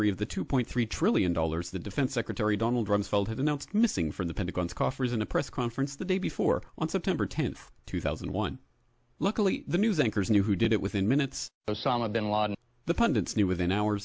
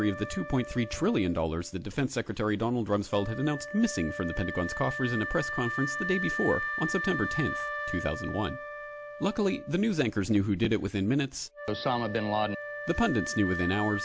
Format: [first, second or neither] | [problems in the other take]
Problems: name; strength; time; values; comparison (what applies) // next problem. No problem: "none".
first | background sound (Wind instrument, woodwind instrument); 8 dB below the speech